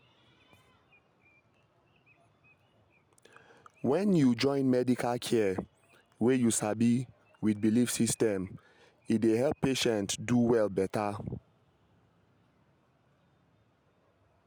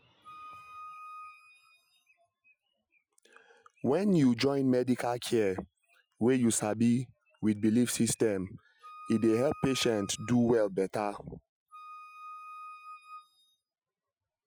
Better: first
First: none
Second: noise reduction (classical method Wiener filter)

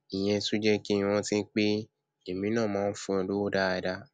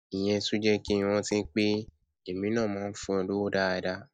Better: first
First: none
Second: noise reduction (neural mask model DeepFilterNet 3)

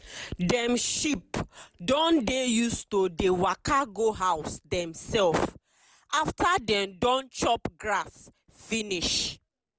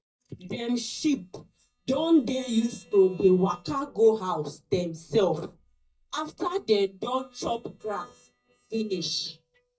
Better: first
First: none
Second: noise reduction (neural mask model DeepFilterNet 3)

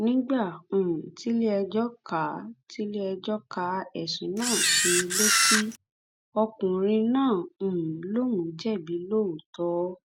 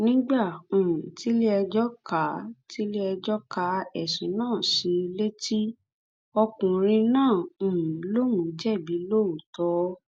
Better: second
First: background sound (Camera); 4 dB above the speech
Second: none

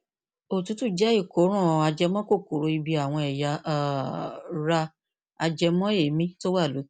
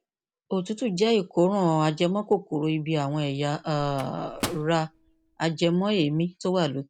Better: first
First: none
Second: background sound (Microwave oven); 15 dB below the speech

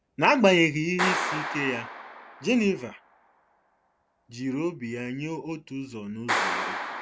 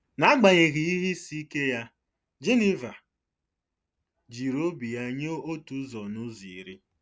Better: second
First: background sound (Clapping); 6 dB below the speech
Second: none

